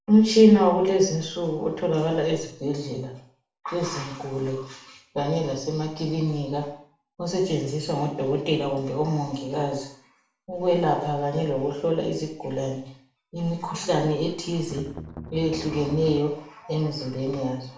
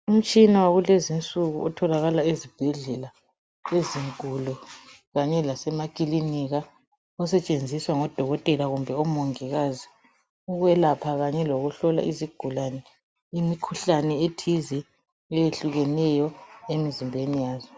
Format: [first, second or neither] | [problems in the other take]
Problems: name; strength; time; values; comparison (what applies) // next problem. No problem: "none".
second | background sound (Strum); 13 dB below the speech // room echo; dies away in 0.5 s